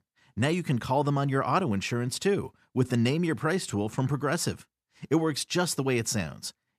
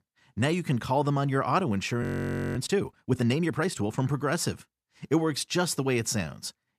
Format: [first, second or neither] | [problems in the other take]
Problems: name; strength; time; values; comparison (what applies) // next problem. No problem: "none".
first | audio freezing; at 2 s for 0.5 s